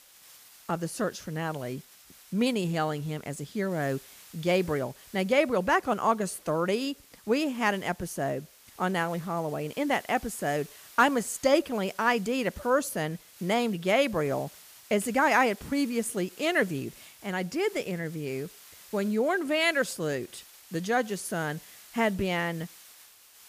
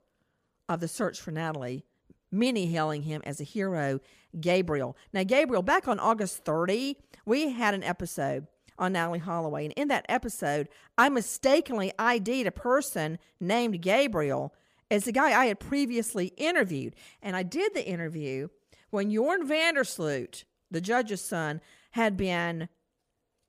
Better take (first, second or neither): second